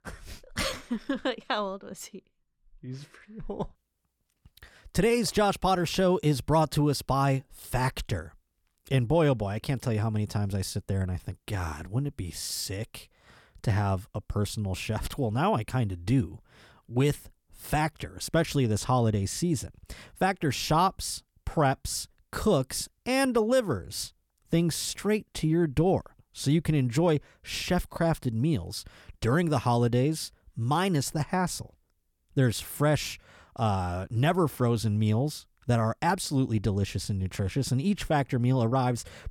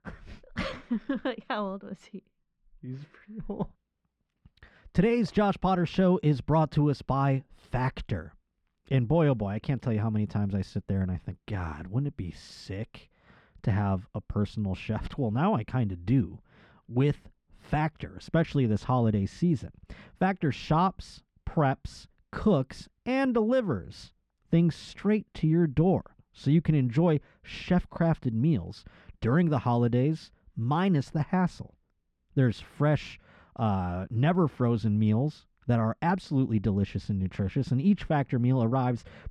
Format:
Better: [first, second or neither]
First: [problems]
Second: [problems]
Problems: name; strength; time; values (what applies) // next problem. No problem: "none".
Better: first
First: none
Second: muffled; slightly; fading above 3 kHz